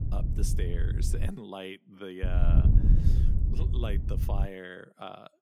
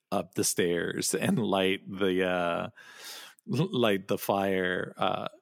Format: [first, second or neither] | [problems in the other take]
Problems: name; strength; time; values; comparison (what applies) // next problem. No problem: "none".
second | wind noise on the microphone; heavy; until 1.5 s and from 2 to 4.5 s; 3 dB below the speech